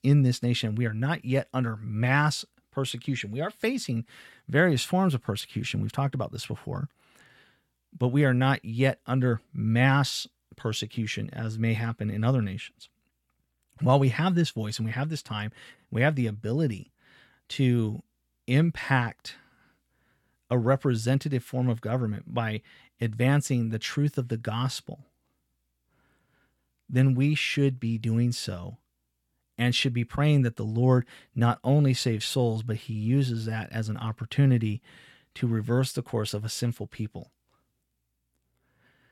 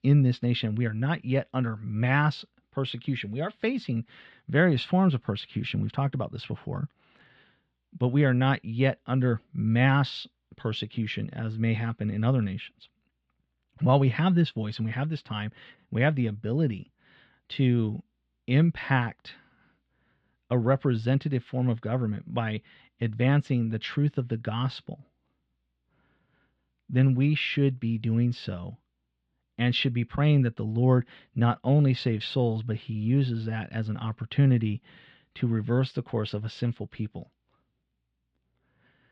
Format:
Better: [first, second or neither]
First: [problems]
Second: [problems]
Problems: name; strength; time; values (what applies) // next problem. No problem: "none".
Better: first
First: none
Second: muffled; slightly; fading above 3.5 kHz